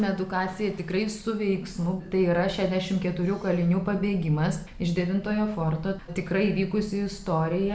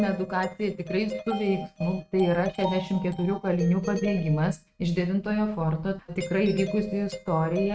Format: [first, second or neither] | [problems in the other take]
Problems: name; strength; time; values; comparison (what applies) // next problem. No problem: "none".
first | noise reduction (neural mask model RNNoise)